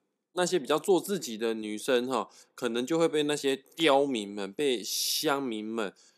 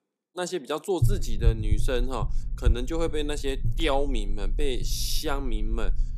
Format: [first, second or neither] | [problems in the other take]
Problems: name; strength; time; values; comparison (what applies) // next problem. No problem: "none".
first | low rumble; noticeable; from 1 s on; 15 dB below the speech